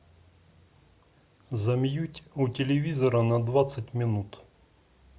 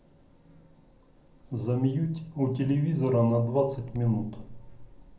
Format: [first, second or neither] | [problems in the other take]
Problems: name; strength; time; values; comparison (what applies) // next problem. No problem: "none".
first | background sound (Cricket); 20 dB below the speech // room echo; dies away in 0.5 s